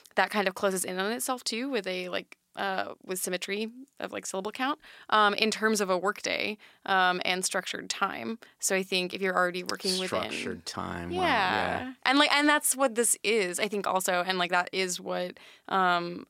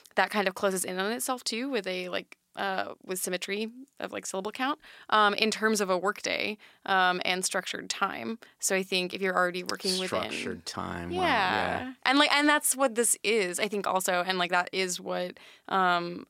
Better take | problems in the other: neither | none

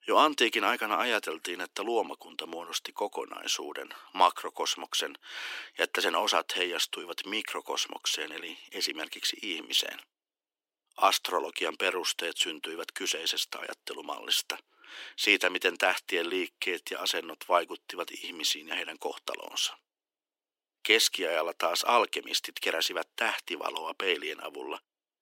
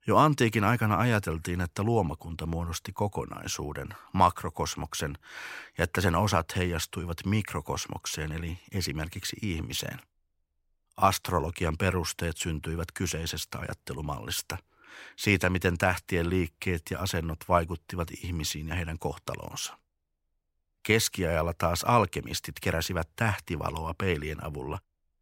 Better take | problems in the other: second | thin; very; fading below 300 Hz

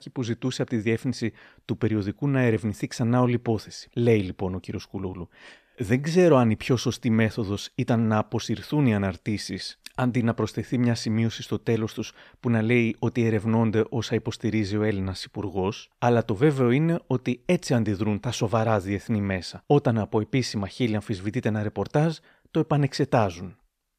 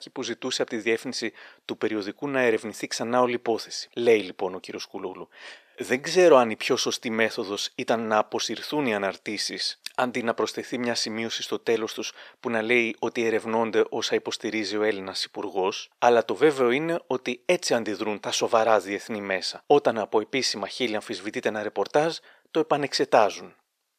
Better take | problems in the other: first | thin; somewhat; fading below 500 Hz

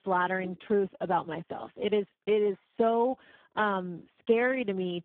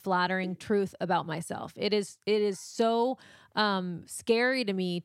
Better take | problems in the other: second | phone-call audio; poor line

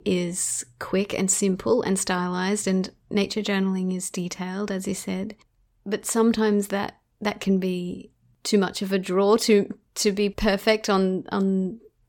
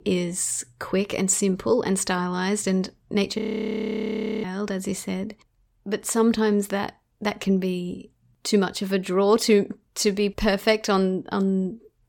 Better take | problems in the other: first | audio freezing; at 3.5 s for 1 s

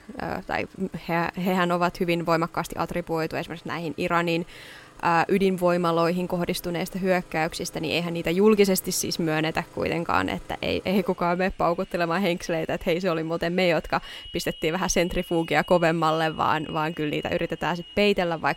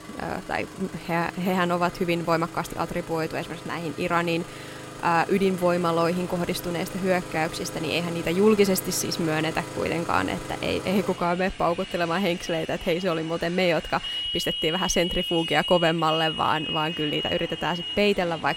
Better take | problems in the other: first | traffic noise; loud; throughout; 8 dB below the speech; faint in the first

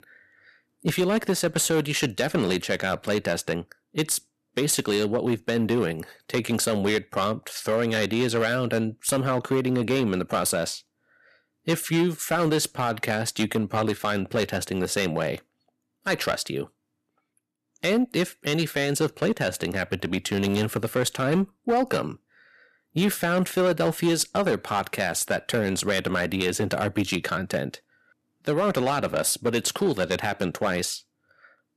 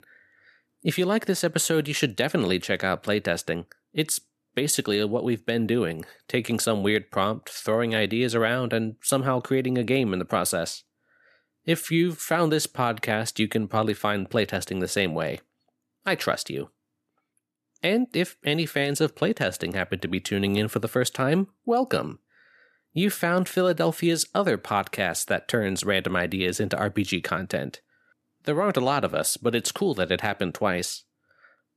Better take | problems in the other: second | distortion; slight; 6% of the sound clipped

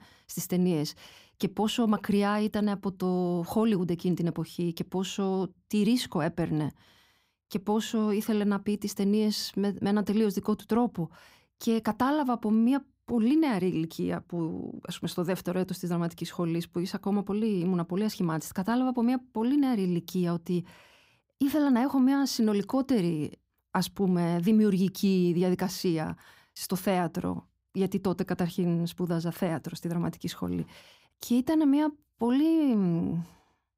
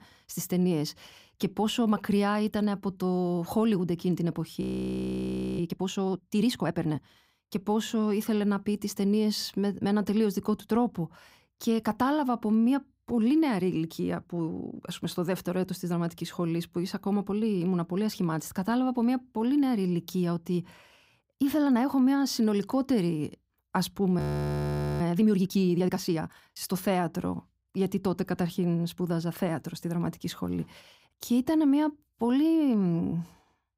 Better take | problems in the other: first | audio freezing; at 4.5 s for 1 s and at 24 s for 1 s

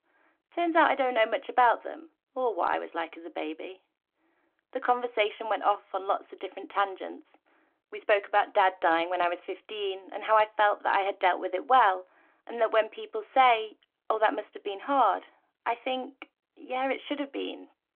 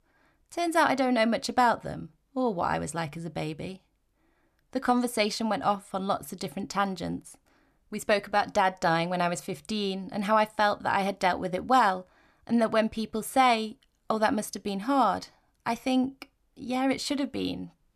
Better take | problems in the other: second | phone-call audio

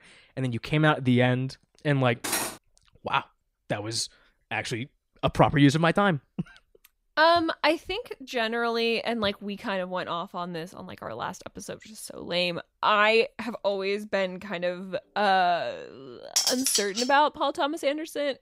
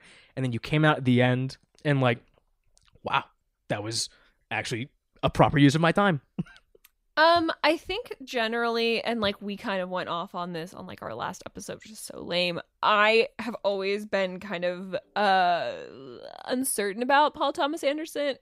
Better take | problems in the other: second | clattering dishes; noticeable; at 2 s; peak 2 dB below the speech // clattering dishes; loud; at 16 s; peak 3 dB above the speech

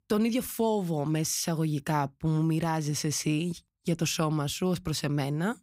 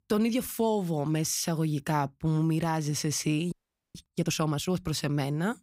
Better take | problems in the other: first | audio freezing; at 3.5 s

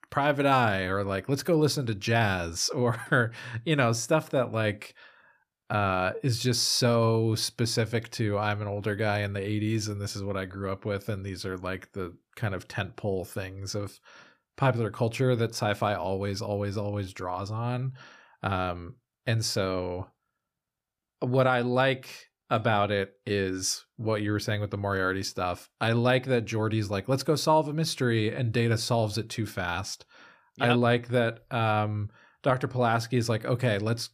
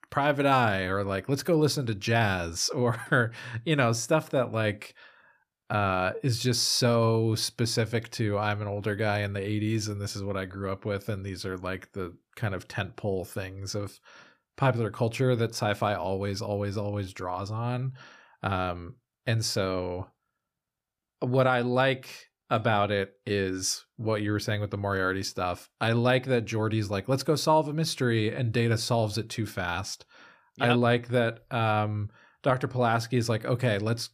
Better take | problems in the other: neither | none

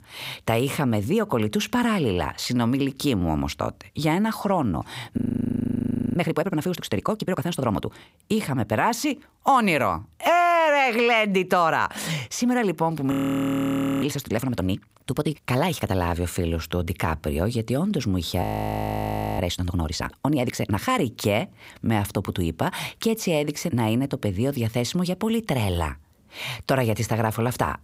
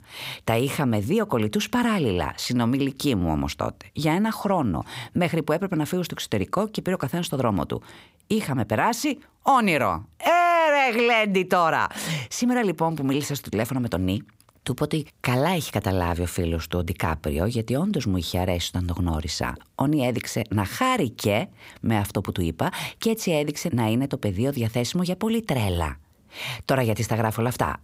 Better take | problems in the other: second | audio freezing; at 5 s for 1 s, at 13 s for 1 s and at 18 s for 1 s

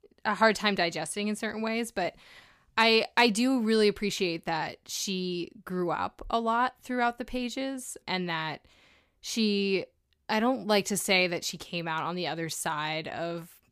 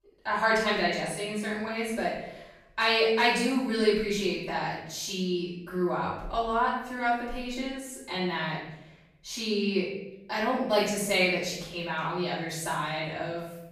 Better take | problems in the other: first | off-mic speech; far // room echo; noticeable; dies away in 0.8 s

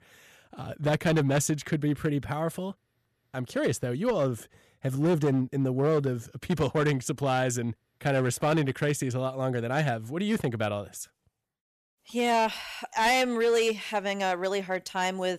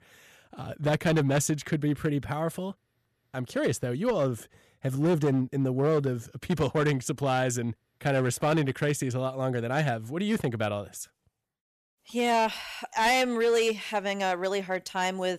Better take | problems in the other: neither | distortion; slight; 5% of the sound clipped; the same in both

